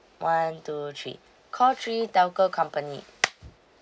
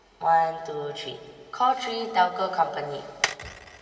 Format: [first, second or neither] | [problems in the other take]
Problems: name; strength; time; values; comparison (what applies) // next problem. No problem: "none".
first | room echo; dies away in 2.6 s